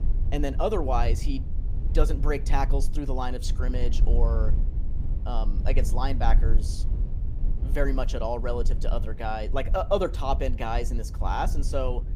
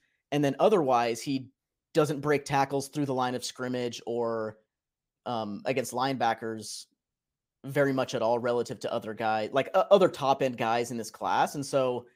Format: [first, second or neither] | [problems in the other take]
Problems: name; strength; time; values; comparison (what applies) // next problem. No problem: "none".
second | low rumble; noticeable; throughout; 15 dB below the speech